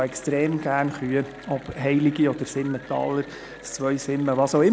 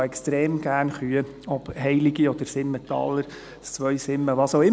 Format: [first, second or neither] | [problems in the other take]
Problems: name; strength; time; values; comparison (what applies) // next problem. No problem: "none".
second | background sound (Applause / Cheering); 20 dB below the speech